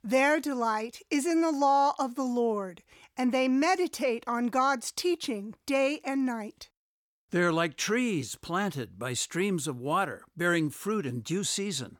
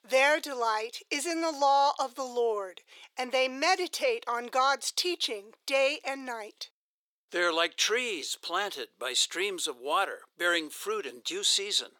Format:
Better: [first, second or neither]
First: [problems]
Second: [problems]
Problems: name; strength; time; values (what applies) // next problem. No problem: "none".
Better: first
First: none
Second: thin; very; fading below 400 Hz